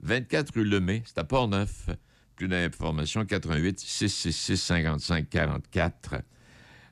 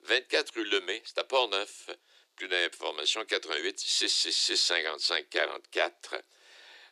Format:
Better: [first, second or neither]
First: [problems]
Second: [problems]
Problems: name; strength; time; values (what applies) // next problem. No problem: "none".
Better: first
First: none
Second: thin; very; fading below 350 Hz